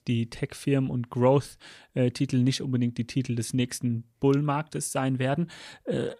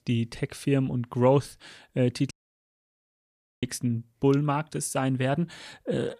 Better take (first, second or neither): first